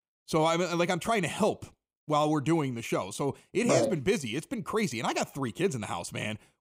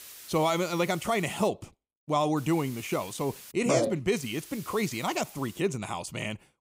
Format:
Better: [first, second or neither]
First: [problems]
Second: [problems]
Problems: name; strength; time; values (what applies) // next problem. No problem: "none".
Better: first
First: none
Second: hiss; noticeable; until 1.5 s, from 2.5 to 3.5 s and from 4 to 5.5 s; 15 dB below the speech